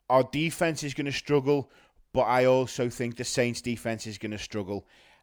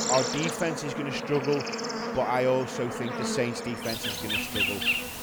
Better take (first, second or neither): first